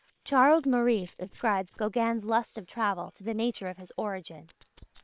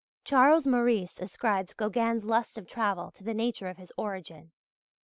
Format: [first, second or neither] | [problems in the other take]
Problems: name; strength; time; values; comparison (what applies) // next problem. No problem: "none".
second | noise reduction (neural separator model SepFormer WHAM!)